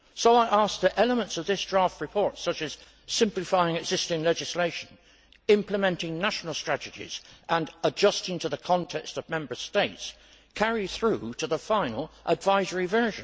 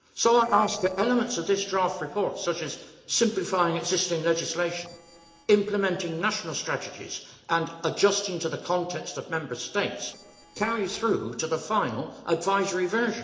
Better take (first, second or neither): first